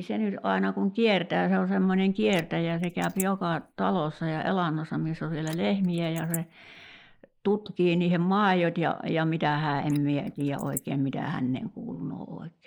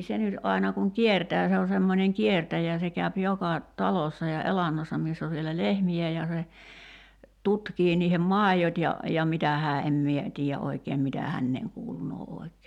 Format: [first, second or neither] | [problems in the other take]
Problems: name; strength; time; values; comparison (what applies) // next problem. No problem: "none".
second | noise reduction (neural mask model Resemble Enhance denoiser)